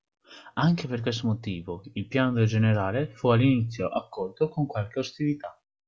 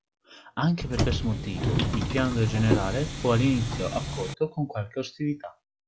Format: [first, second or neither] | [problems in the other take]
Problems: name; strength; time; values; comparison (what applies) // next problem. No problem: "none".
first | background sound (Subway, metro, underground); 1 dB below the speech